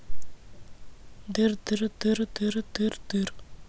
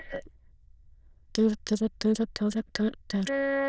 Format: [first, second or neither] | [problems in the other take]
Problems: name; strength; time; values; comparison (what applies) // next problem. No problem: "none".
first | noise reduction (neural diffusion model UNIVERSE++)